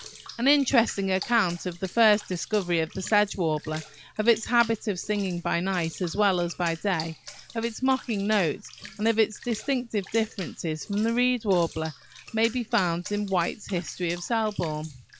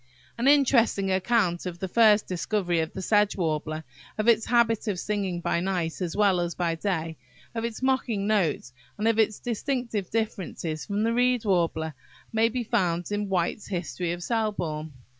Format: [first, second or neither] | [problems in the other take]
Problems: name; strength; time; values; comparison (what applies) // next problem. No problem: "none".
second | background sound (Bathtub (filling or washing) / Water); 18 dB below the speech